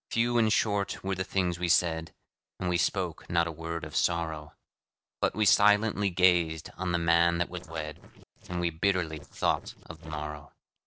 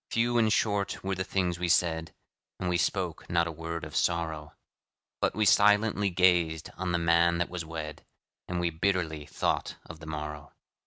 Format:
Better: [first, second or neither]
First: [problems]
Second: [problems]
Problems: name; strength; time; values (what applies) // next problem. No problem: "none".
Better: second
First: noise reduction (neural separator model SepFormer DNS4)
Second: none